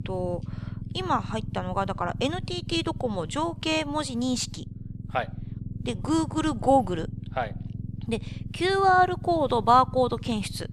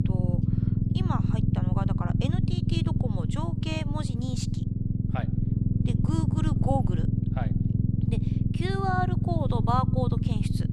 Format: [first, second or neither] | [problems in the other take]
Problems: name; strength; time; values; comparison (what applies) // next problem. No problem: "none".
first | low rumble; loud; throughout; 3 dB below the speech; faint in the first